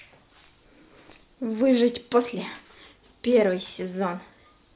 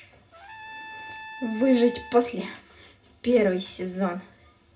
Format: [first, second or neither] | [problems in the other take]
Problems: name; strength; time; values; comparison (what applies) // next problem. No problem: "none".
first | background sound (Trumpet); 15 dB below the speech // room echo; dies away in 0.4 s